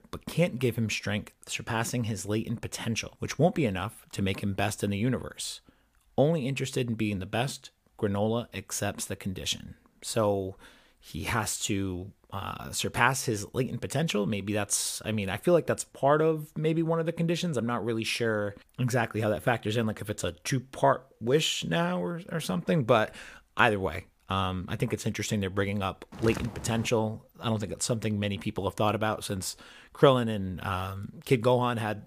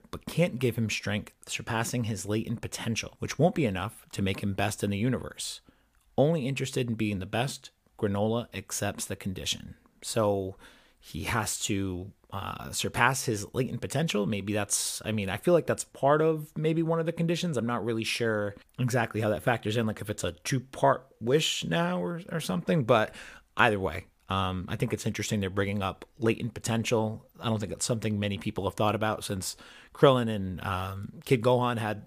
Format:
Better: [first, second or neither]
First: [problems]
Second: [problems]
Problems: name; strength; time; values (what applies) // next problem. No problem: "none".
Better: second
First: footsteps; noticeable; at 26 s; peak 9 dB below the speech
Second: none